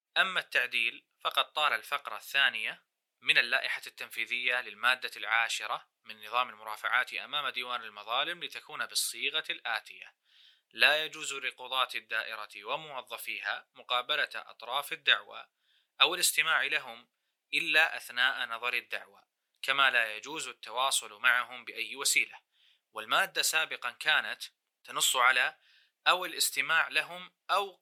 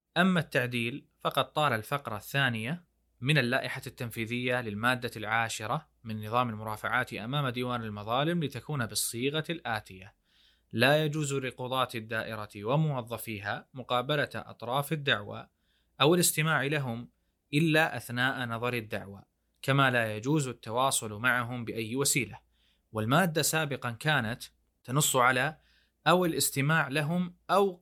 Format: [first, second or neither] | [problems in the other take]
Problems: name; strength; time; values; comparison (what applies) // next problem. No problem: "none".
second | thin; very; fading below 700 Hz